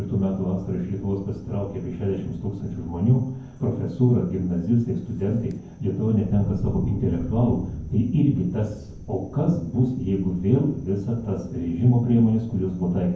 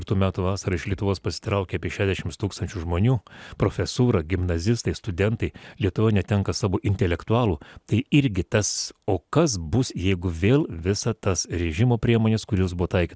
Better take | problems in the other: second | background sound (Thunder); 14 dB below the speech // room echo; dies away in 0.9 s

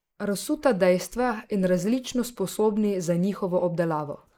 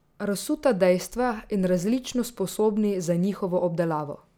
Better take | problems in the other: second | noise reduction (neural mask model Resemble Enhance denoiser)

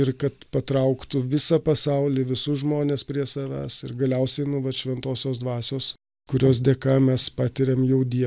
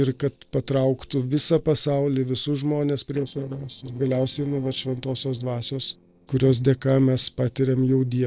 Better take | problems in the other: first | noise reduction (neural separator model SepFormer DNS4)

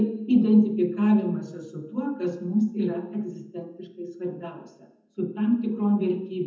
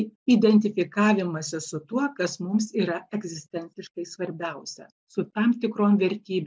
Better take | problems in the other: second | room echo; dies away in 0.8 s

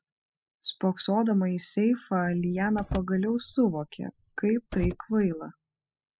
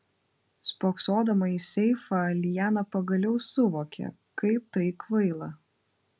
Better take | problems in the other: second | noise reduction (classical method spectral subtraction)

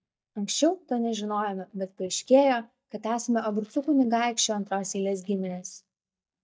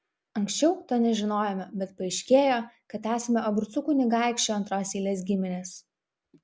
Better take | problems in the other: second | noise reduction (neural mask model DeepFilterNet 3)

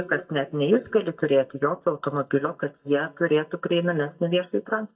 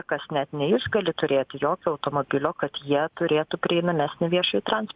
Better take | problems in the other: second | noise reduction (neural mask model DeepFilterNet 3)

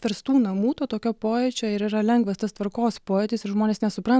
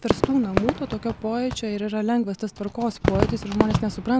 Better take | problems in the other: first | background sound (Fireworks); 2 dB below the speech

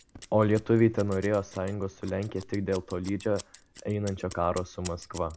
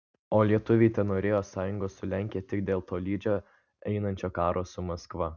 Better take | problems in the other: second | background sound (Scissors); 20 dB below the speech

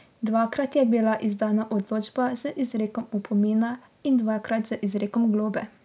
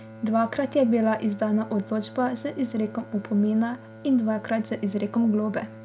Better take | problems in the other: first | background sound (Bowed string instrument); 17 dB below the speech

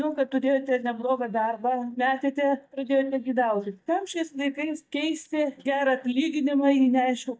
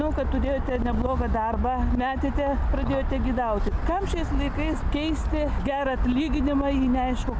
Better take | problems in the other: second | noise reduction (neural mask model DeepFilterNet 3)

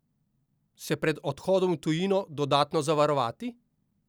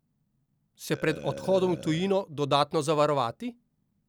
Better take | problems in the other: first | background sound (Burping, eructation); 15 dB below the speech

